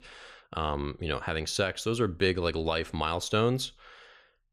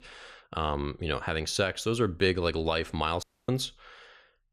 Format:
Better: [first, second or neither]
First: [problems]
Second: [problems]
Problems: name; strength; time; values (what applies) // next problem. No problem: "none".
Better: first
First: none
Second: audio cutting out; at 3 s